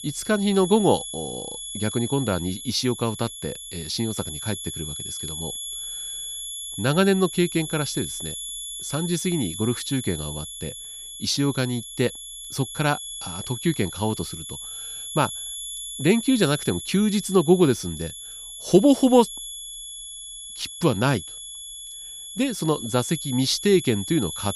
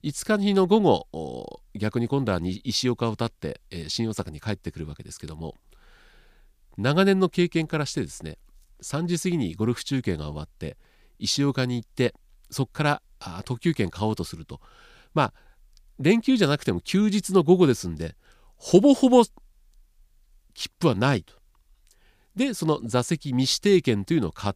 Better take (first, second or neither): second